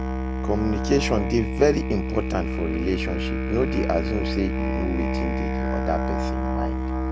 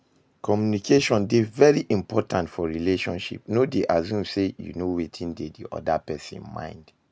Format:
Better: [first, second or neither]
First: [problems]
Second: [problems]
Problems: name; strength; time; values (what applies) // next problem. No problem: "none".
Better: second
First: background sound (Musical instrument); 1 dB above the speech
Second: none